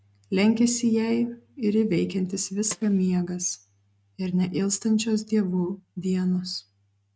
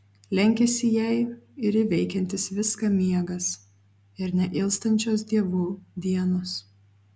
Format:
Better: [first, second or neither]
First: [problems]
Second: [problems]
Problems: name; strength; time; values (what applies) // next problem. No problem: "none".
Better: second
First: noise reduction (neural mask model RNNoise)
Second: none